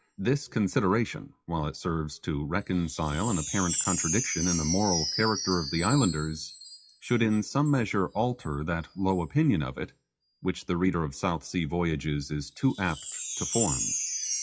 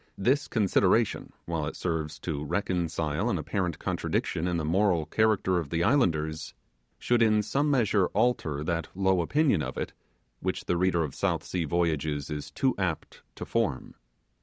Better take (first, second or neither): second